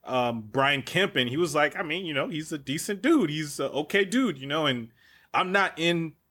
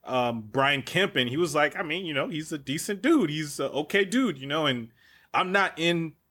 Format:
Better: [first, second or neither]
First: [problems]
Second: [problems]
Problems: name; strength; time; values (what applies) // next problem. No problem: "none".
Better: neither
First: none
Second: none